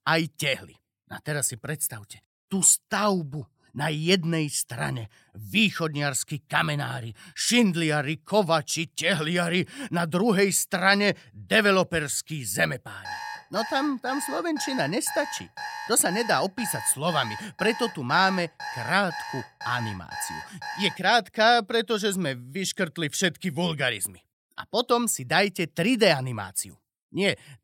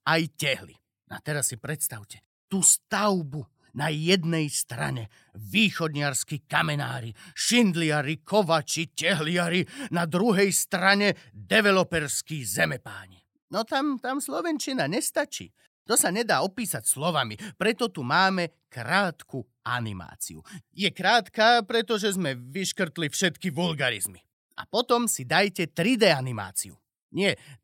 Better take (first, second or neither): second